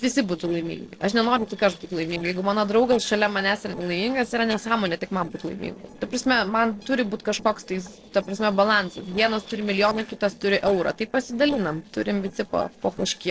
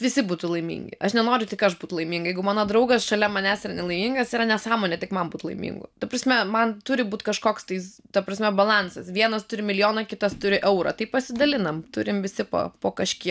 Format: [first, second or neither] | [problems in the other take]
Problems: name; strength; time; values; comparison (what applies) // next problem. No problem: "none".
second | noise reduction (neural separator model SepFormer DNS4)